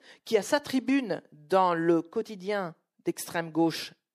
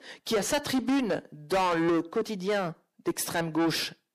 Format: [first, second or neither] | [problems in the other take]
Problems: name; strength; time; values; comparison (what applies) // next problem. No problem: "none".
first | distortion; heavy; 6 dB below the speech